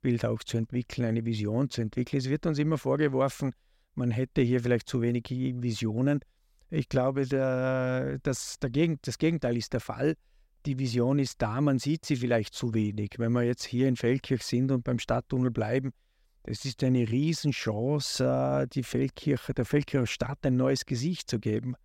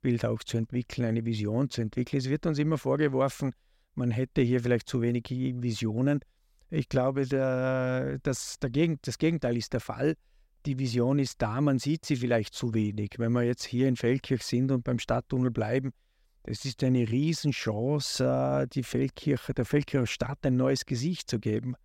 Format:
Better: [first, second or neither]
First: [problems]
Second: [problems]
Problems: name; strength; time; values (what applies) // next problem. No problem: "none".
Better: neither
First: none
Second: none